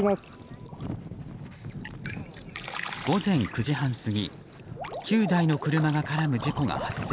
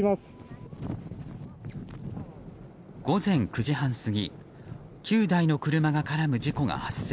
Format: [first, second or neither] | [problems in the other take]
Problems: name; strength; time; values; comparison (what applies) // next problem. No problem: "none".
second | background sound (Drip); 12 dB below the speech